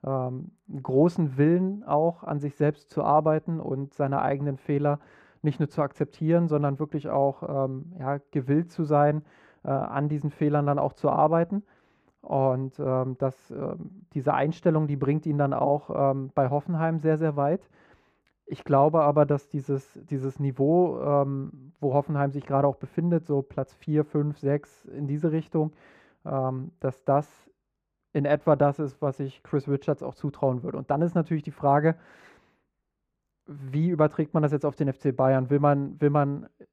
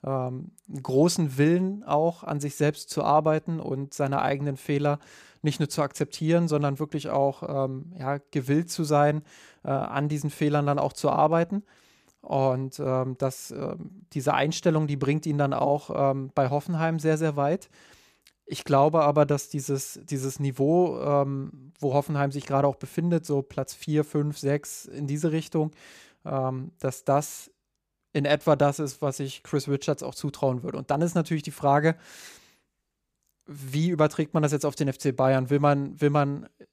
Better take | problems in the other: second | muffled; very; fading above 3 kHz

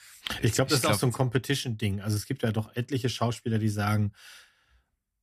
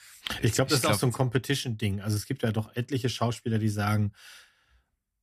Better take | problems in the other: neither | none

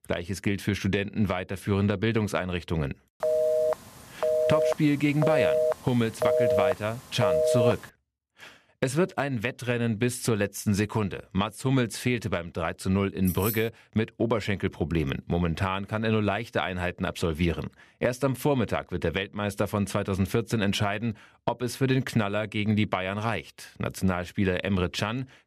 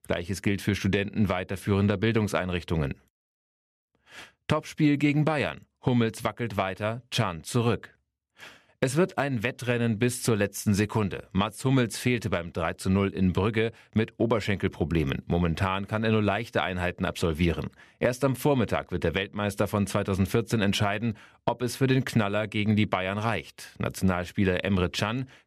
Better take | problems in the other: second | phone ringing; loud; from 3 to 7.5 s; peak 5 dB above the speech // jangling keys; noticeable; at 13 s; peak 5 dB below the speech

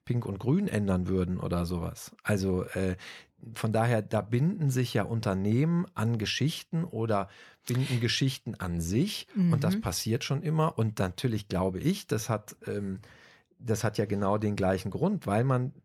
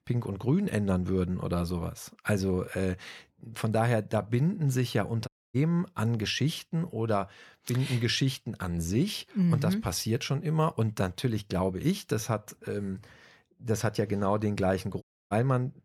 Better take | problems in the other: first | audio cutting out; at 5.5 s and at 15 s

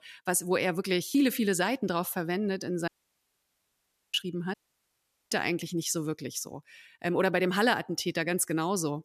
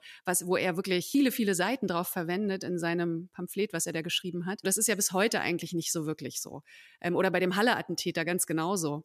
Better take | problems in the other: second | audio cutting out; at 3 s for 1.5 s and at 4.5 s for 1 s

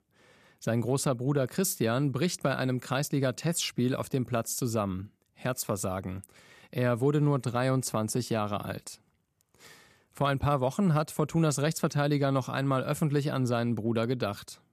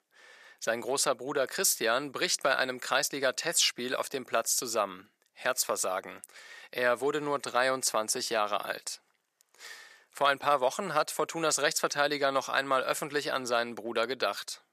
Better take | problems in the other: first | thin; very; fading below 600 Hz

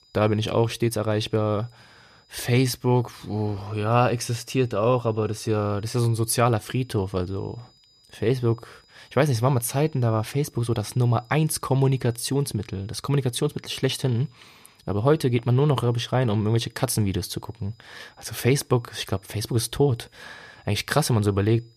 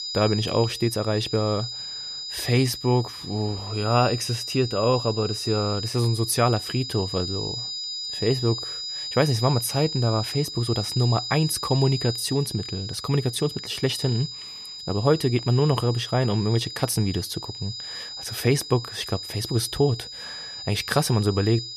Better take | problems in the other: first | high-pitched whine; loud; throughout; 5 kHz, 7 dB below the speech; faint in the first

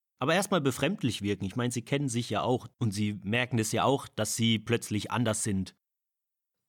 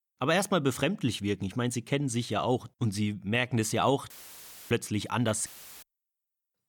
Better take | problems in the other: first | audio cutting out; filled with static; at 4 s for 0.5 s and at 5.5 s

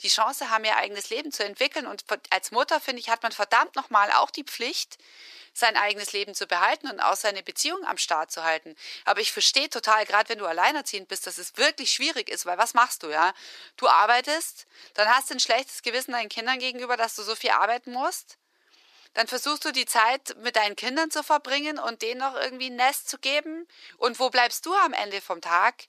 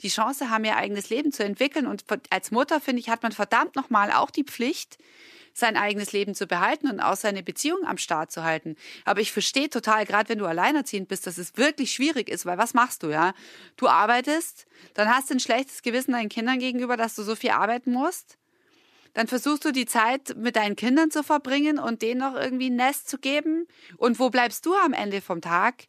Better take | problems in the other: second | thin; very; fading below 650 Hz

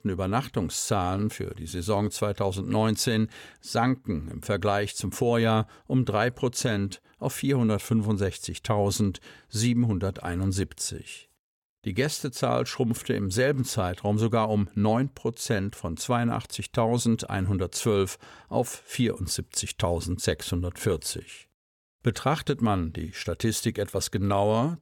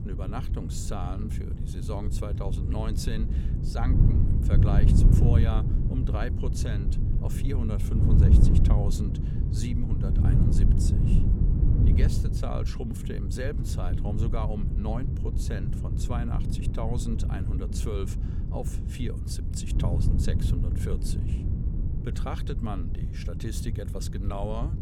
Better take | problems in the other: first | wind noise on the microphone; heavy; 1 dB below the speech

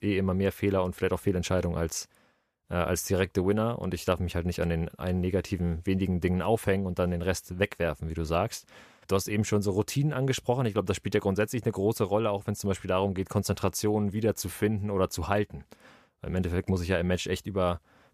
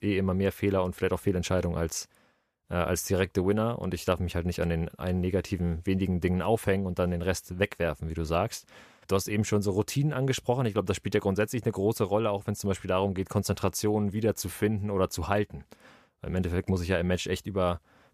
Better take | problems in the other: neither | none

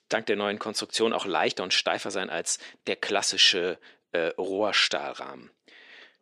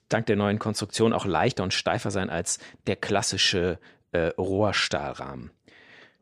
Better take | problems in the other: second | thin; somewhat; fading below 350 Hz

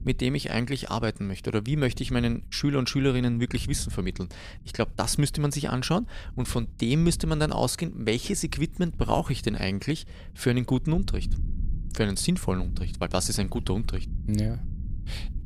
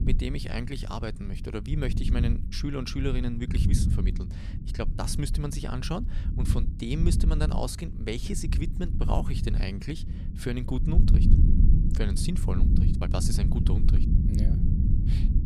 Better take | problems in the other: first | low rumble; loud; throughout; 5 dB below the speech; faint in the first

